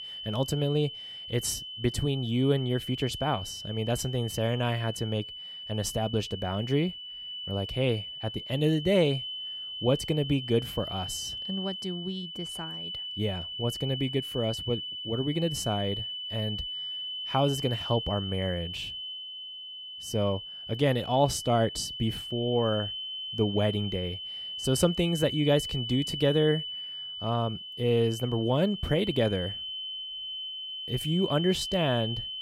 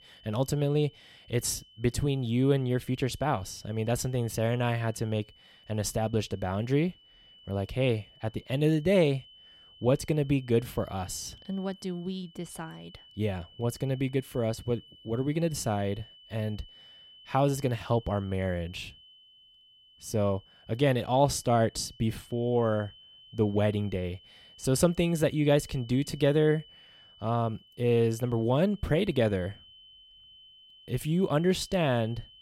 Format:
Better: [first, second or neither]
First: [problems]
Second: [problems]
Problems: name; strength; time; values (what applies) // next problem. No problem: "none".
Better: second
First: high-pitched whine; loud; throughout; 3 kHz, 6 dB below the speech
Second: high-pitched whine; faint; throughout; 3 kHz, 25 dB below the speech